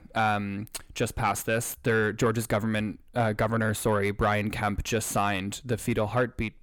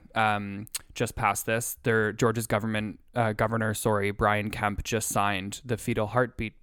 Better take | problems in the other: second | distortion; slight; 10 dB below the speech

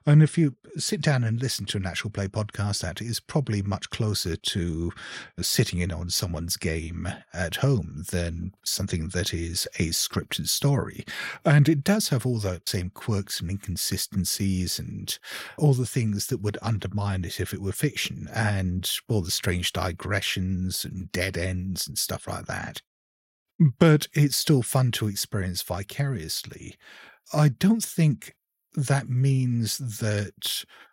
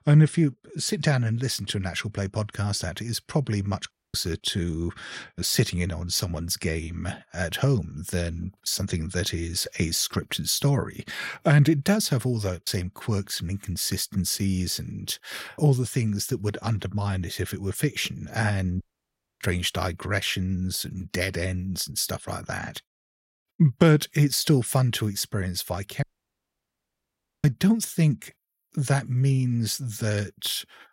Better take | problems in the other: first | audio cutting out; at 4 s, at 19 s for 0.5 s and at 26 s for 1.5 s

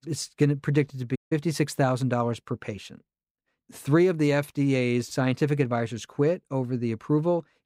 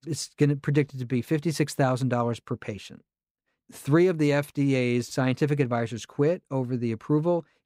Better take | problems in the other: second | audio cutting out; at 1 s

